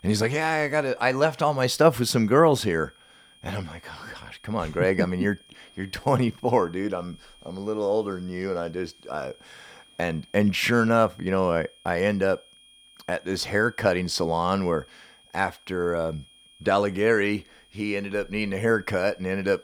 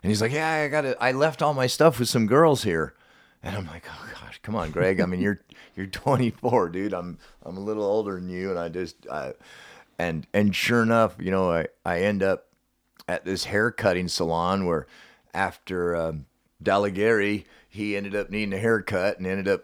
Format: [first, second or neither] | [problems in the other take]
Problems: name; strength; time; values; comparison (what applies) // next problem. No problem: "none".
second | high-pitched whine; faint; throughout; 3 kHz, 30 dB below the speech